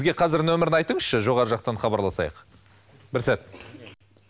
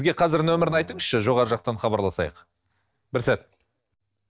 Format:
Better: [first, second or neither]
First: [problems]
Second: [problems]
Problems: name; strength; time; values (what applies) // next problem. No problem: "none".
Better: first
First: none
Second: noise reduction (neural mask model DeepFilterNet 3)